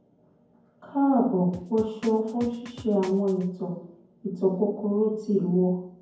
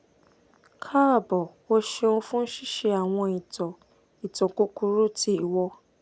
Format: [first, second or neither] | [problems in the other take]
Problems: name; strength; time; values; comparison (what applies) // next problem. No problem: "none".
second | background sound (Drum); 19 dB below the speech // room echo; dies away in 0.9 s